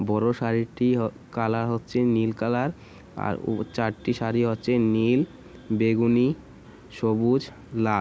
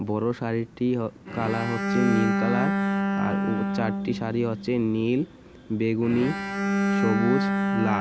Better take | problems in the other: first | background sound (Bowed string instrument); as loud as the speech

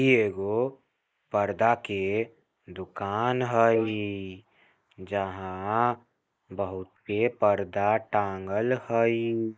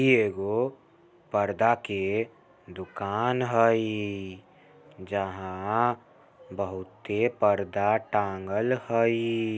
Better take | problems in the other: second | noise reduction (neural mask model Resemble Enhance denoiser)

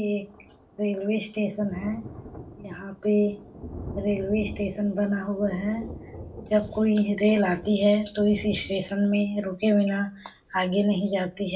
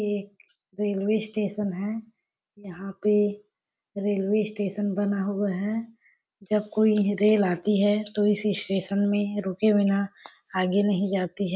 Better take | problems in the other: second | background sound (Thunder); 17 dB below the speech // room echo; dies away in 0.2 s

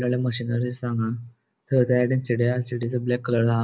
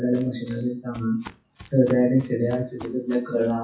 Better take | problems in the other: first | noise reduction (classical method WPE with log-MMSE)

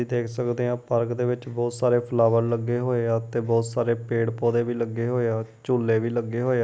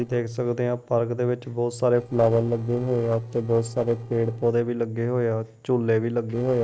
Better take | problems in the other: first | noise reduction (neural separator model SepFormer DNS4)

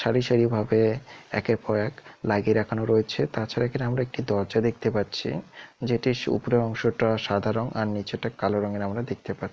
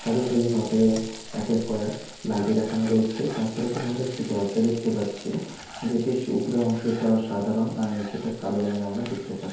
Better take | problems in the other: first | background sound (Frying (food)); 17 dB below the speech // room echo; dies away in 0.9 s

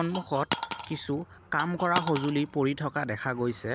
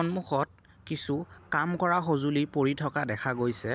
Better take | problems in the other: second | background sound (Coin (dropping)); 7 dB below the speech

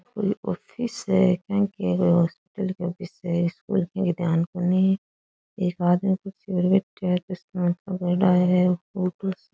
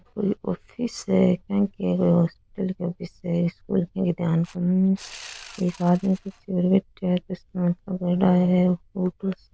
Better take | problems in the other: first | noise reduction (neural diffusion model UNIVERSE++)

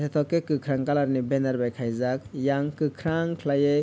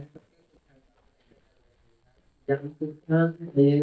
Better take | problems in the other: first | noise reduction (neural mask model DeepFilterNet 3)

